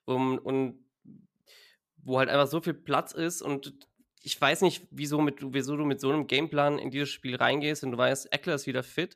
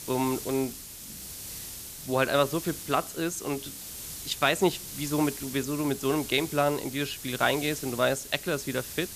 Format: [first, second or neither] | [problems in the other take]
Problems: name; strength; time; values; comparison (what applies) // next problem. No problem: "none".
first | hiss; loud; throughout; 10 dB below the speech